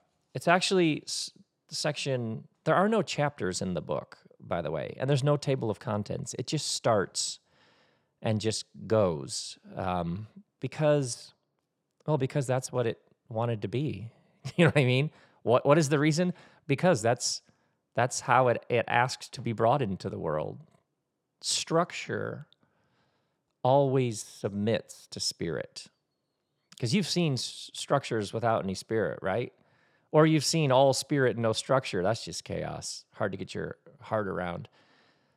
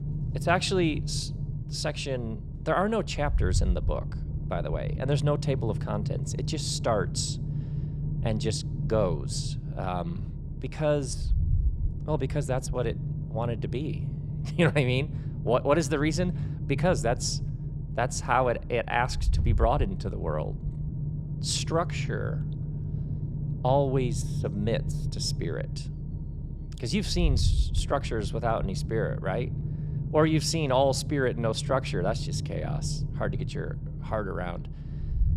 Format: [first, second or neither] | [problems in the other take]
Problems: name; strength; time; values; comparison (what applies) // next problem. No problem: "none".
first | low rumble; noticeable; throughout; 15 dB below the speech